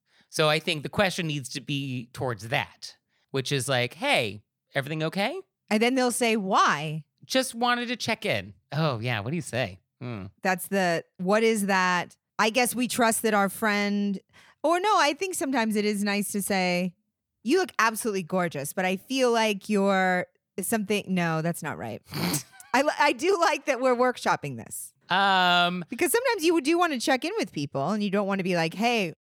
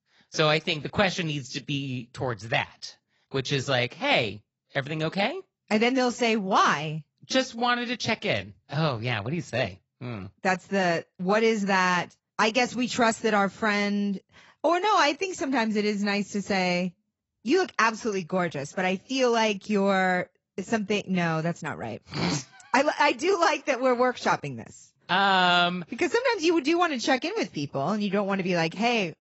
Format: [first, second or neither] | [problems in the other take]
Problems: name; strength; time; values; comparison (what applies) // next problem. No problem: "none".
first | garbled, watery; badly; nothing above 8 kHz